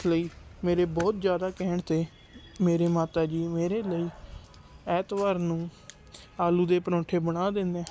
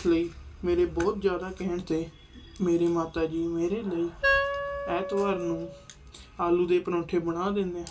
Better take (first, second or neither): first